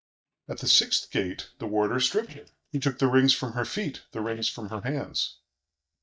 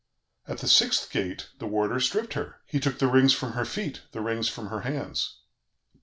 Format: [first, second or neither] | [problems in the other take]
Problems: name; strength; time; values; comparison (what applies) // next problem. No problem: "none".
second | noise reduction (neural mask model DeepFilterNet 3)